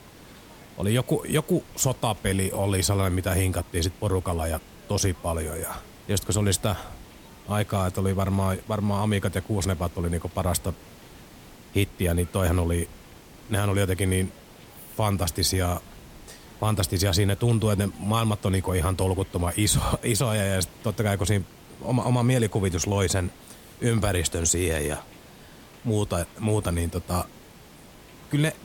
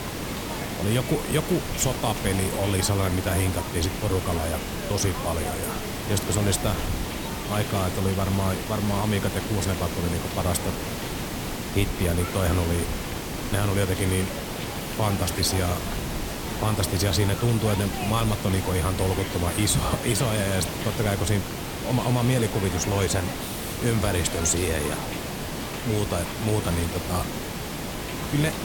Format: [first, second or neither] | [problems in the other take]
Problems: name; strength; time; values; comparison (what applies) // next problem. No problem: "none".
first | hiss; loud; throughout; 4 dB below the speech; faint in the first